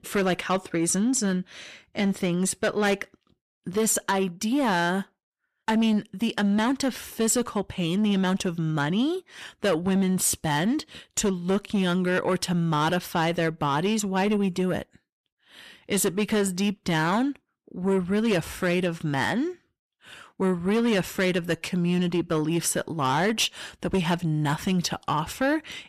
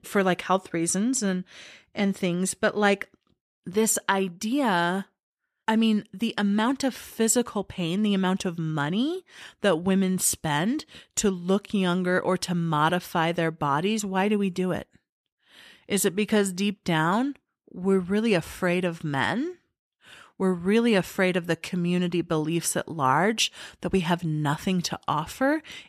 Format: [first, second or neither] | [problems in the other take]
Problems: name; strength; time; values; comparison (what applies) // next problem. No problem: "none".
second | distortion; slight; 10 dB below the speech